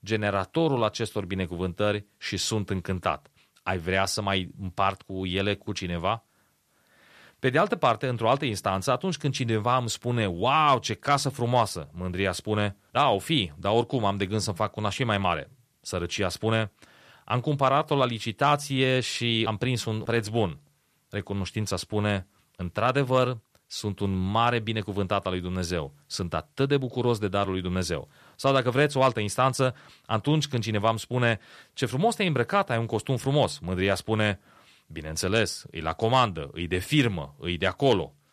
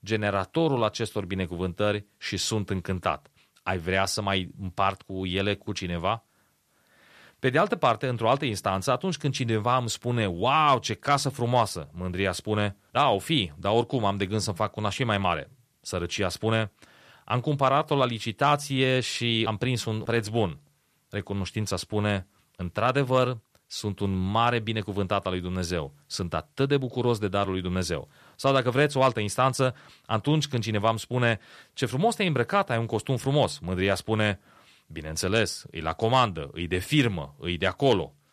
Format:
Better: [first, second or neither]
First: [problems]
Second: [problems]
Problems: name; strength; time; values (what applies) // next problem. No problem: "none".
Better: neither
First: none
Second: none